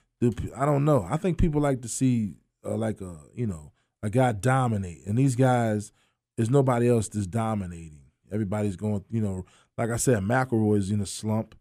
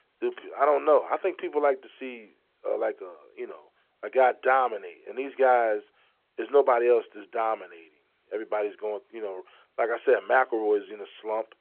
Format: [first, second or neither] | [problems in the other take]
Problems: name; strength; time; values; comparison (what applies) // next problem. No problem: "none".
first | phone-call audio